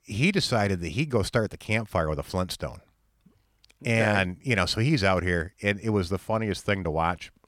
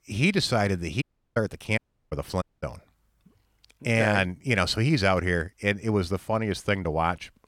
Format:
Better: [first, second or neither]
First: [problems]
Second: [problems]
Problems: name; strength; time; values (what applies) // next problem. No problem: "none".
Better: first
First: none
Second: audio cutting out; at 1 s, at 2 s and at 2.5 s